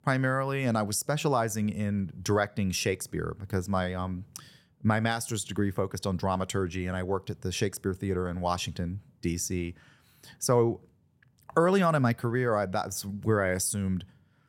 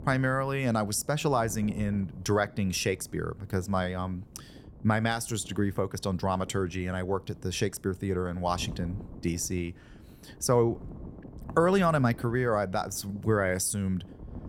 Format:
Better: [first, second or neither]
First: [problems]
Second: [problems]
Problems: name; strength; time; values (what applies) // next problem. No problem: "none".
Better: first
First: none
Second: wind noise on the microphone; occasional gusts; 25 dB below the speech